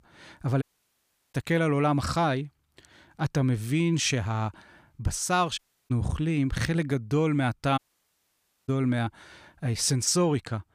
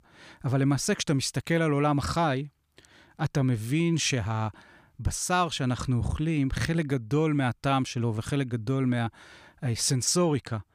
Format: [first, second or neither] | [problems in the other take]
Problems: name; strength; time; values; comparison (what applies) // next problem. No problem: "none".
second | audio cutting out; at 0.5 s for 0.5 s, at 5.5 s and at 8 s for 1 s